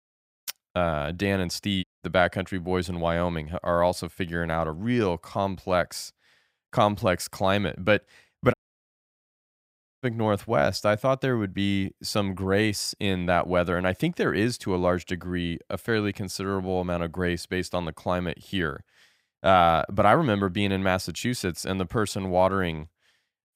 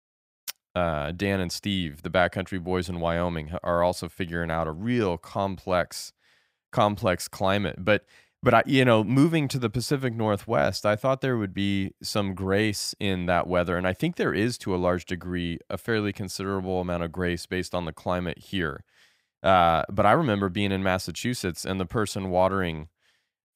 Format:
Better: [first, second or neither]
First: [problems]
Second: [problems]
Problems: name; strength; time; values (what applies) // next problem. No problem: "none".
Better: second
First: audio cutting out; at 2 s and at 8.5 s for 1.5 s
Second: none